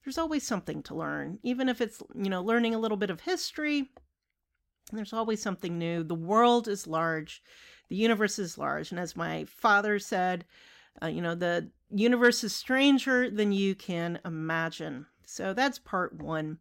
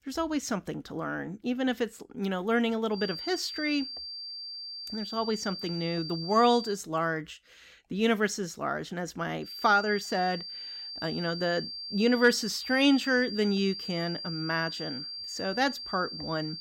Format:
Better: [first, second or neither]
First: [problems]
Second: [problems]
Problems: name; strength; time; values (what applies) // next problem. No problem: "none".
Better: first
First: none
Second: high-pitched whine; loud; from 3 to 6.5 s and from 9.5 s on; 4.5 kHz, 8 dB below the speech